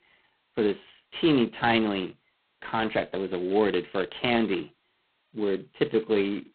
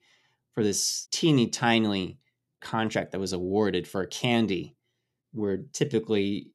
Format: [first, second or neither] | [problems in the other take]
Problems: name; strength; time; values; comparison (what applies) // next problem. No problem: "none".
second | phone-call audio; poor line; nothing above 4 kHz